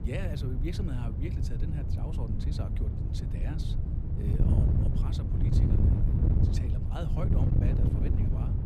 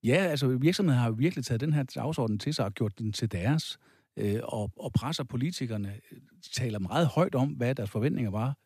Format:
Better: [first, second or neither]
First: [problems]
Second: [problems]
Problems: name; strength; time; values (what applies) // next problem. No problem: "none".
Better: second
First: wind noise on the microphone; heavy; 3 dB above the speech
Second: none